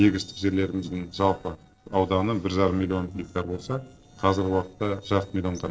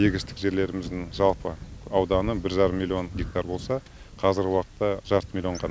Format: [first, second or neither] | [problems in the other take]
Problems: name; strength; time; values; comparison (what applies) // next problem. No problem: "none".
second | noise reduction (neural separator model SepFormer DNS4)